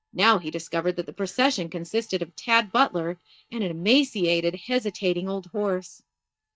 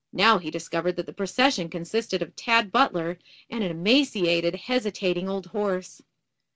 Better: second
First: noise reduction (neural mask model DeepFilterNet 3)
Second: none

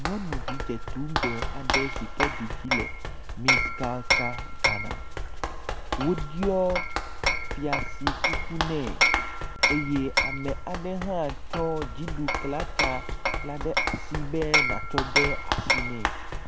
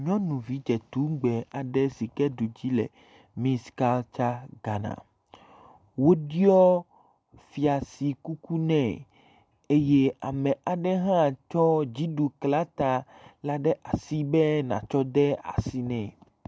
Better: second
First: background sound (Hammer + Run); 5 dB above the speech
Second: none

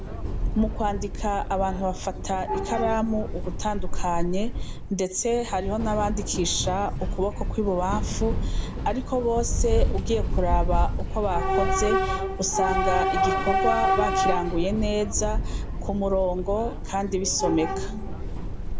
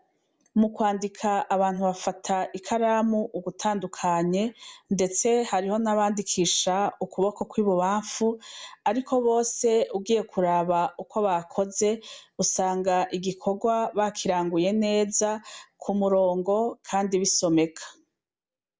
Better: second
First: background sound (Subway, metro, underground / Train); 1 dB above the speech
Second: none

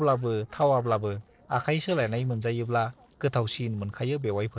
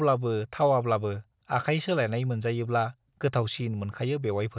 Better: second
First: noise reduction (neural separator model SepFormer DNS4)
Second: none

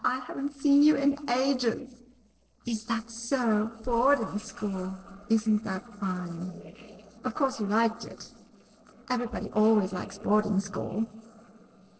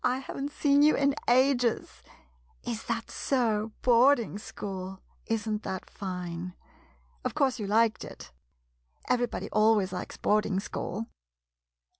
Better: second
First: noise reduction (neural separator model SepFormer DNS4)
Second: none

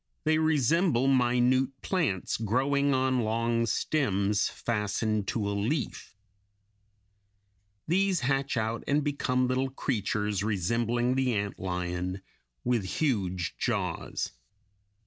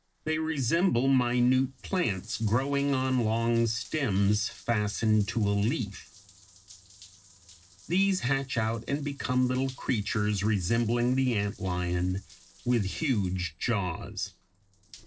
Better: first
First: none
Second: noise reduction (neural separator model SepFormer DNS4)

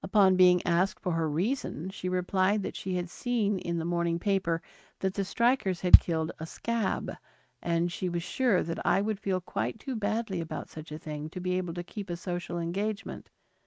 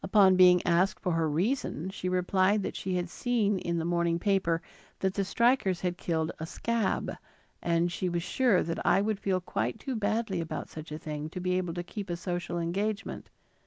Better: second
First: noise reduction (neural mask model RNNoise)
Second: none

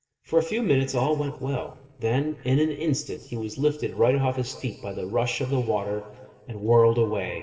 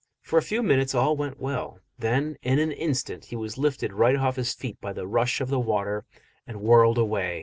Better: second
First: noise reduction (neural separator model SepFormer DNS4)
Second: none

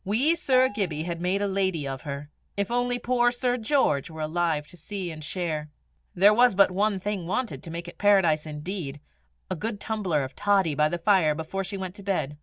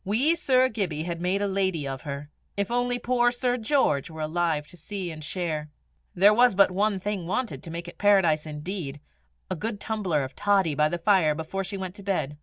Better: second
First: background sound (Bell); 18 dB below the speech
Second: none

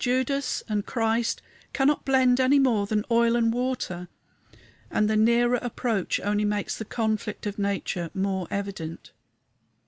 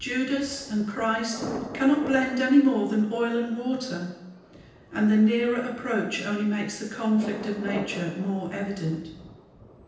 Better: first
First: none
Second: background sound (Thunder); 15 dB below the speech // room echo; dies away in 0.9 s

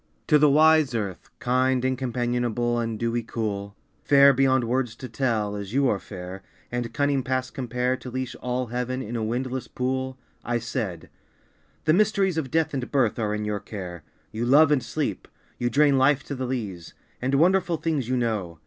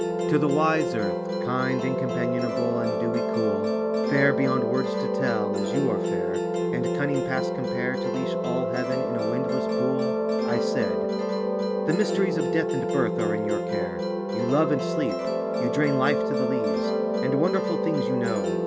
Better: first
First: none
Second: background sound (Musical instrument); 3 dB above the speech

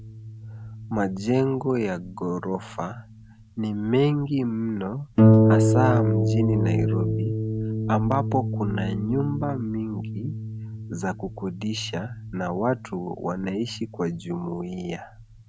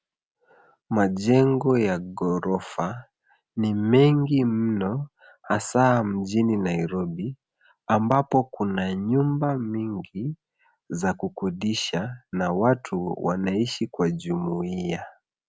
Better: second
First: background sound (Harp); 2 dB above the speech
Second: none

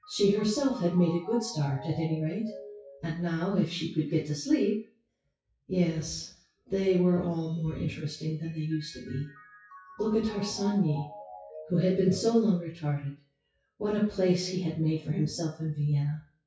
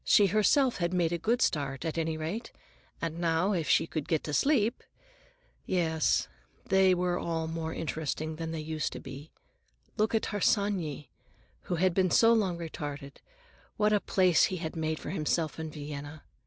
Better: second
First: noise reduction (classical method WPE with log-MMSE)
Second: none

